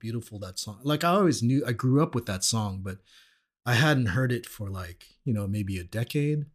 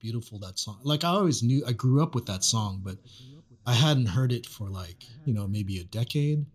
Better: first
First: none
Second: room echo; slight; dies away in 3 s

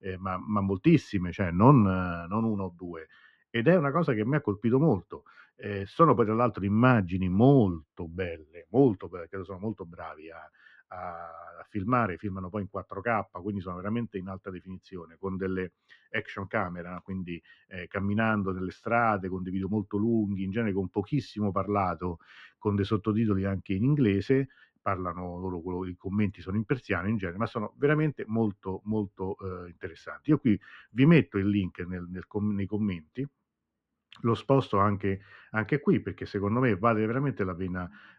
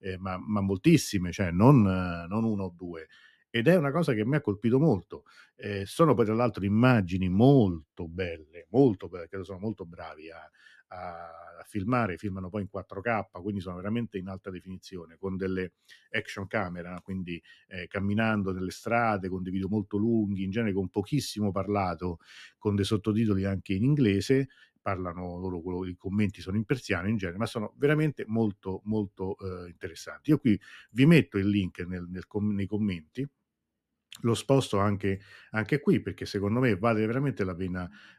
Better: second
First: muffled; slightly; fading above 2.5 kHz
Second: none

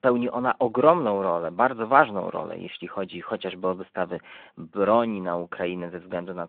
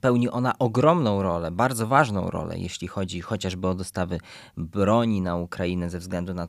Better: second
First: phone-call audio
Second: none

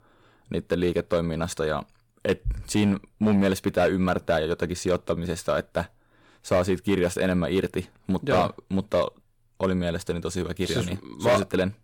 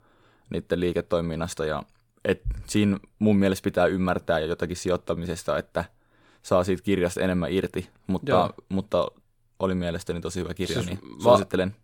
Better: second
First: distortion; slight; 3% of the sound clipped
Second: none

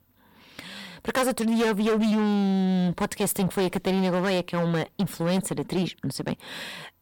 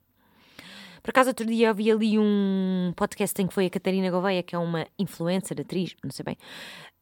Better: second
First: distortion; heavy; 18% of the sound clipped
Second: none

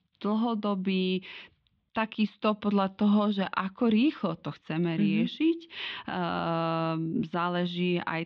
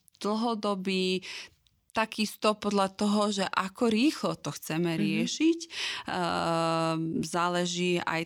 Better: second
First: muffled; slightly; fading above 3.5 kHz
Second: none

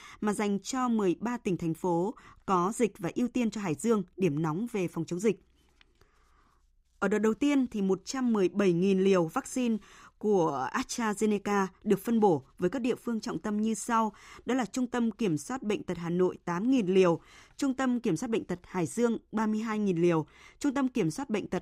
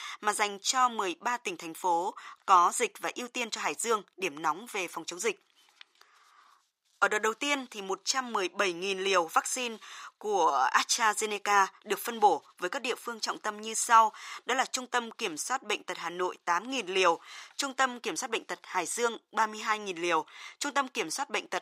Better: first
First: none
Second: thin; very; fading below 900 Hz

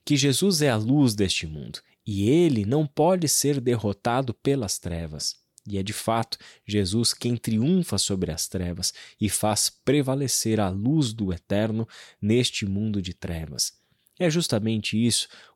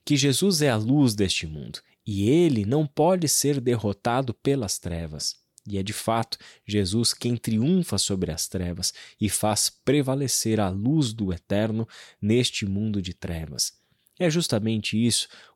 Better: neither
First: none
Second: none

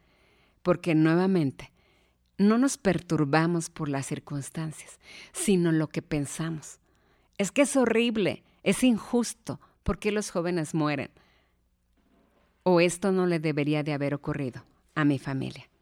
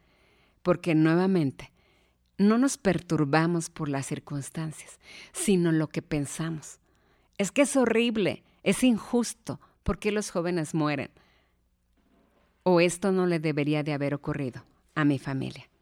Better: neither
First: none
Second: none

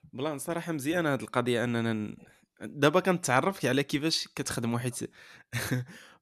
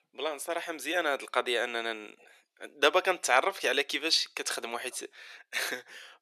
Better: first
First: none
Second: thin; very; fading below 400 Hz

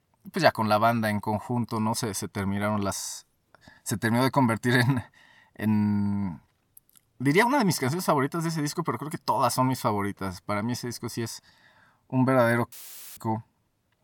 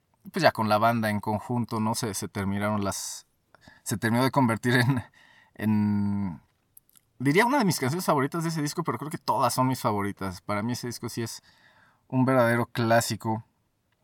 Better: second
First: audio cutting out; filled with static; at 13 s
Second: none

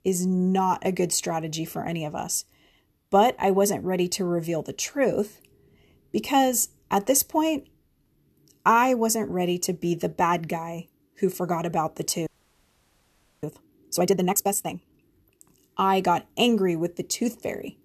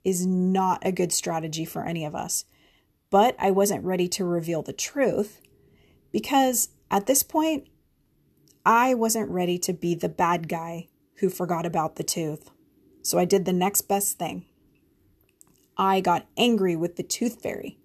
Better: second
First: audio freezing; at 12 s for 1 s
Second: none

